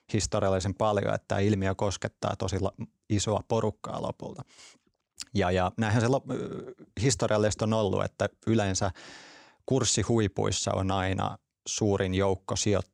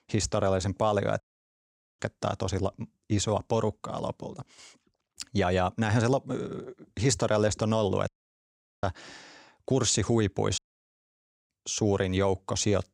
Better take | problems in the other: first | audio cutting out; at 1 s for 1 s, at 8 s for 1 s and at 11 s for 1 s

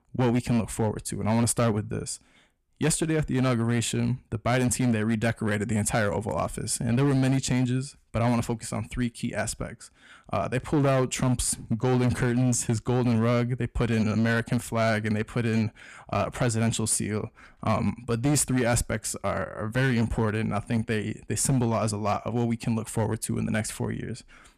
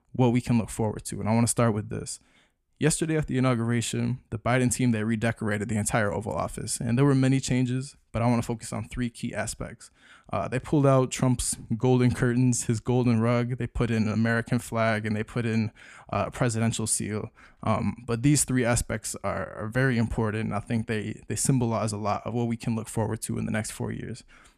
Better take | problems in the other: second | distortion; slight; 8% of the sound clipped

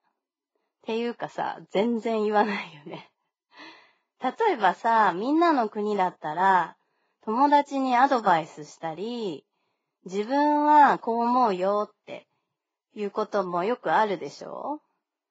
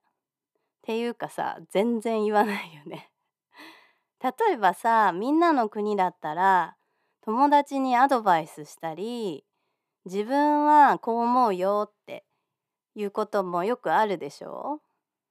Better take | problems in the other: second | garbled, watery; badly; nothing above 7.5 kHz

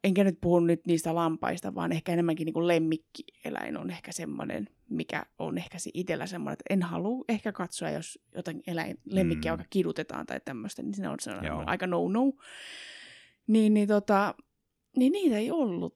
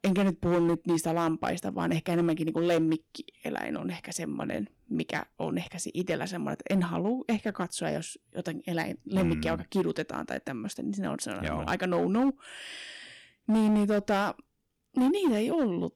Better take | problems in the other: first | distortion; slight; 6% of the sound clipped

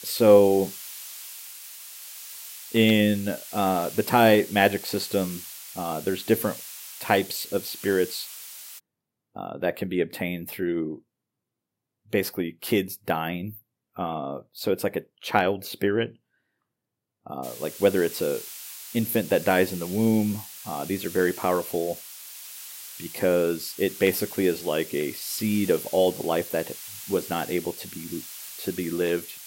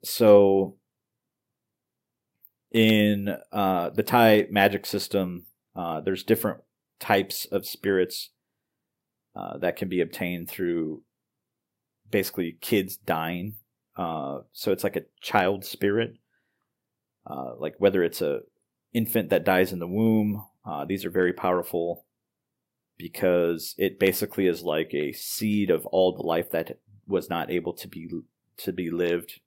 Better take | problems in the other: second | hiss; noticeable; until 9 s and from 17 s on; 15 dB below the speech

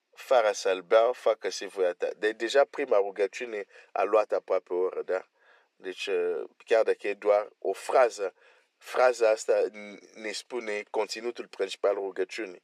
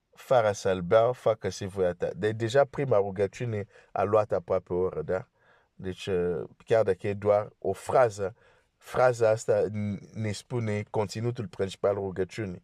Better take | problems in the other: second | thin; very; fading below 300 Hz

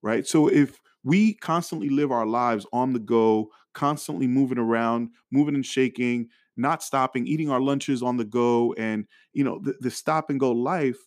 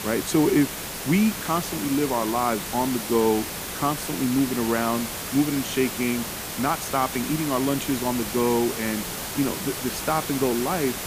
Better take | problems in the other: first | hiss; loud; throughout; 5 dB below the speech

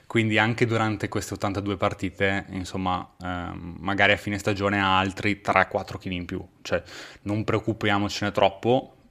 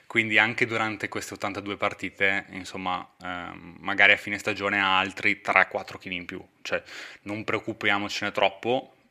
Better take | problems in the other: first | thin; very slightly; fading below 600 Hz

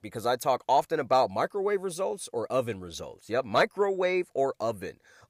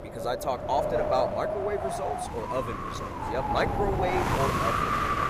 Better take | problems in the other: first | wind noise on the microphone; heavy; 2 dB above the speech

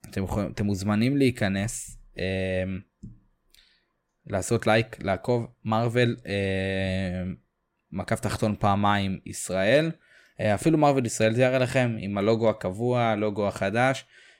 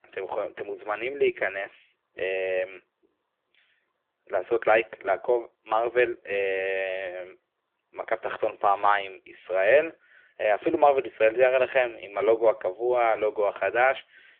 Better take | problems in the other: first | phone-call audio

